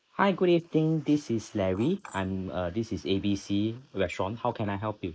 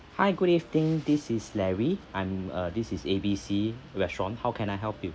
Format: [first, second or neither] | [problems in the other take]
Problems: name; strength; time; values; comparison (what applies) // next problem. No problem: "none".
second | noise reduction (neural mask model Resemble Enhance denoiser)